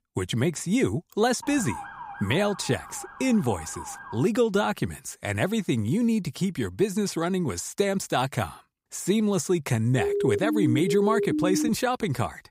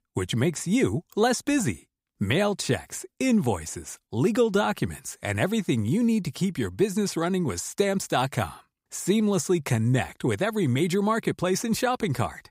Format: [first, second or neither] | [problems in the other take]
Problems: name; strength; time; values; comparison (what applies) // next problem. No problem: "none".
second | siren; faint; from 1.5 to 4 s; peak 10 dB below the speech // siren; loud; from 10 to 12 s; peak level with the speech